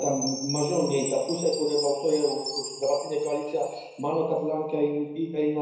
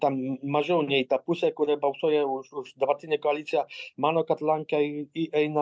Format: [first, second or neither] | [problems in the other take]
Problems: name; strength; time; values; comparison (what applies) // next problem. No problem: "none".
second | background sound (Chime); 11 dB below the speech // room echo; dies away in 1 s